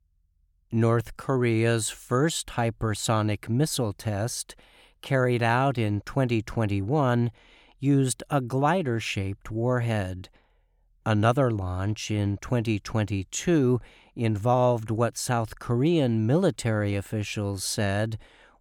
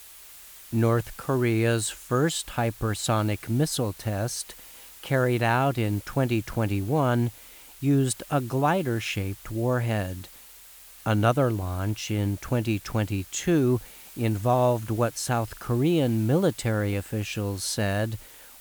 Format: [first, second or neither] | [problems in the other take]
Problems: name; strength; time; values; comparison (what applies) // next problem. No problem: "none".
first | hiss; noticeable; throughout; 20 dB below the speech